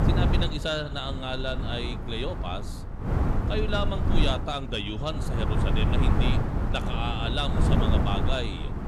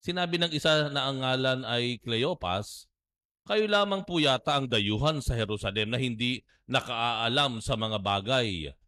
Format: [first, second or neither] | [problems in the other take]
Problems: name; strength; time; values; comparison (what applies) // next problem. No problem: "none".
second | wind noise on the microphone; heavy; 4 dB below the speech